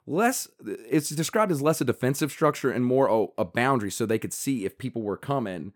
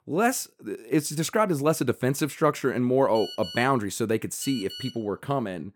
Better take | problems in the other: first | phone ringing; faint; from 3 to 5 s; peak 10 dB below the speech

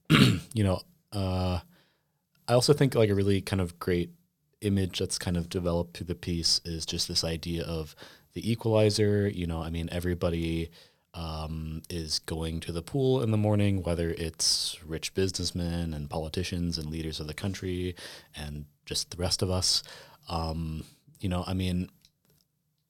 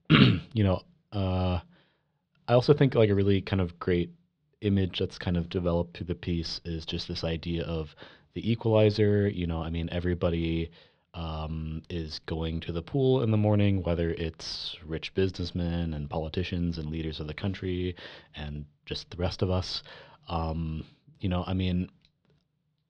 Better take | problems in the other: first | muffled; slightly; fading above 3.5 kHz

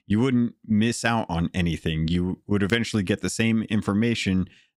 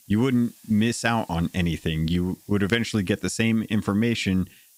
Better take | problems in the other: first | hiss; faint; throughout; 25 dB below the speech

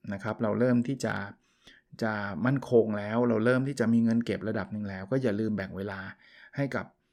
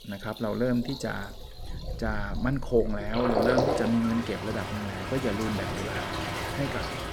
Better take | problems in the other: first | rain or running water; loud; throughout; 2 dB below the speech

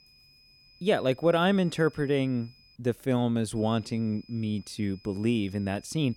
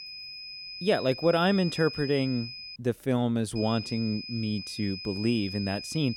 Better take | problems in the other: first | high-pitched whine; loud; until 3 s and from 3.5 s on; 5 kHz, 9 dB below the speech; faint in the first

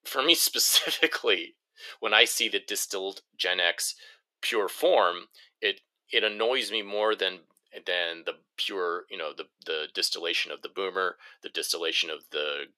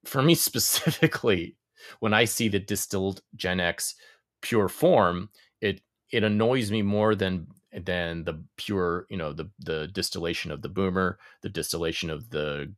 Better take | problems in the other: second | thin; very; fading below 350 Hz

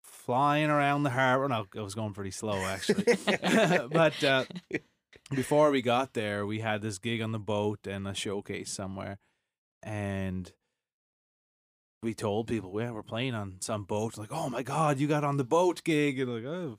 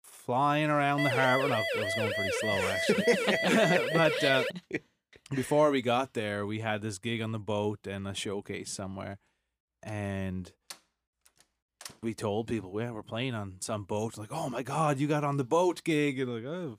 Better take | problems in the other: first | siren; loud; from 1 to 4.5 s; peak 1 dB above the speech // door banging; faint; from 10 to 12 s; peak 15 dB below the speech

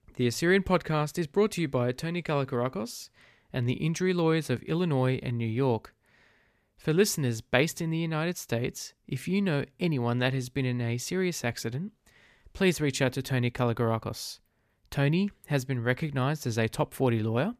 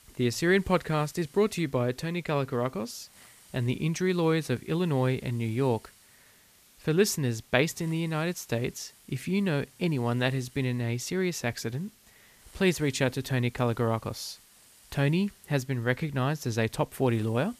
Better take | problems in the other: first | hiss; faint; throughout; 25 dB below the speech

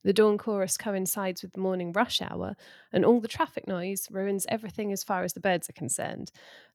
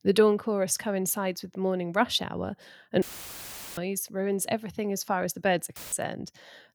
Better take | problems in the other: first | audio cutting out; filled with static; at 3 s for 1 s and at 6 s

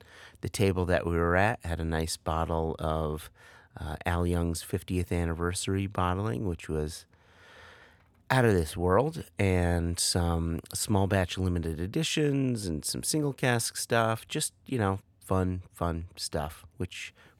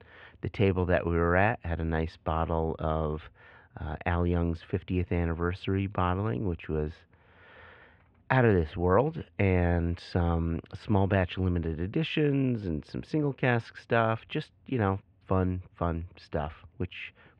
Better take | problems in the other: first | muffled; very; fading above 2.5 kHz

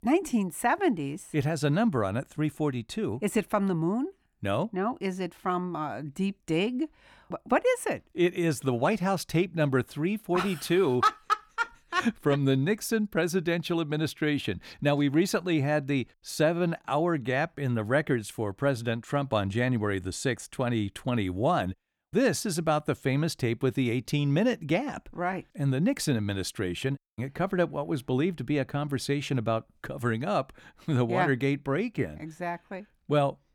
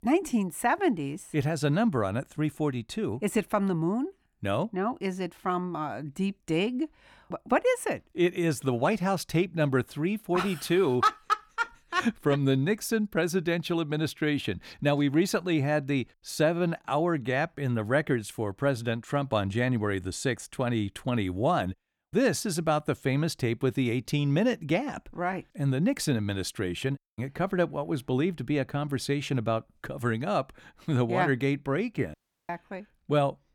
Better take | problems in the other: first | audio cutting out; at 32 s

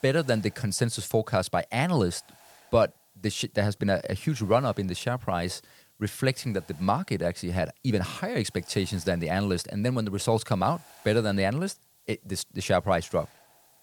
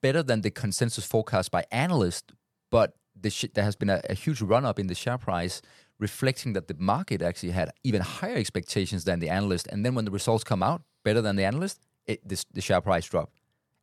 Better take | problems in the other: second | hiss; faint; throughout; 30 dB below the speech

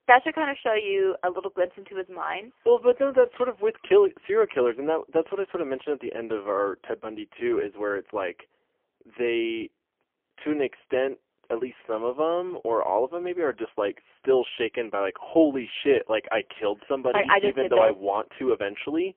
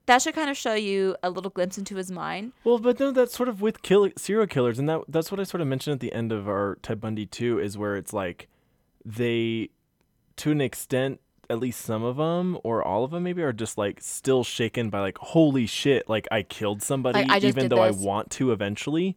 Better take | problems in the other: second | phone-call audio; poor line; nothing above 3.5 kHz

